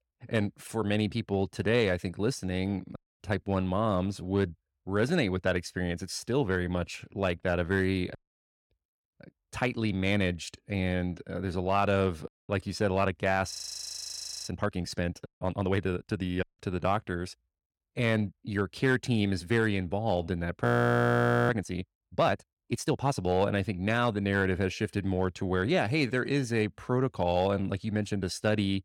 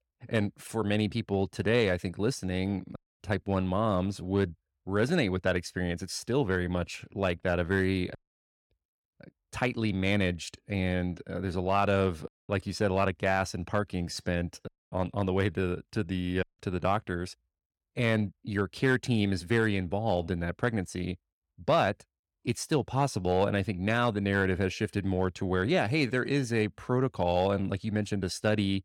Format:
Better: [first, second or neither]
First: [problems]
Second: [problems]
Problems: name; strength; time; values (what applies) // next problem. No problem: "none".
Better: second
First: audio freezing; at 14 s for 1 s and at 21 s for 1 s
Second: none